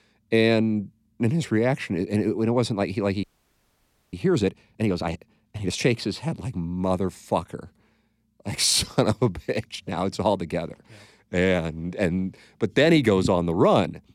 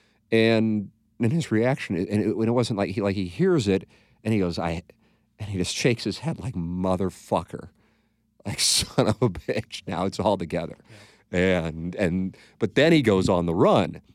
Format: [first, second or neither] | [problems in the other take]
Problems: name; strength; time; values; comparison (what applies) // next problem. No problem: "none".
second | audio freezing; at 3 s for 1 s